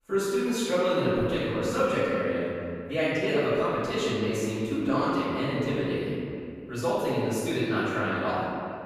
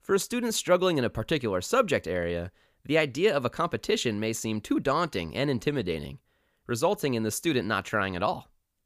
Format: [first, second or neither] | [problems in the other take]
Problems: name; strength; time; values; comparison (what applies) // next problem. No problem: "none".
second | room echo; strong; dies away in 2.4 s // off-mic speech; far